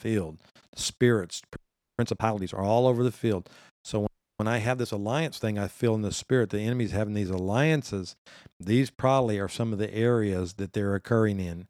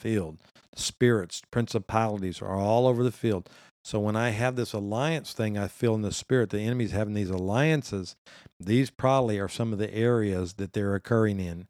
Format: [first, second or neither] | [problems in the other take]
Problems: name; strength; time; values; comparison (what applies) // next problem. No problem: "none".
second | audio freezing; at 1.5 s and at 4 s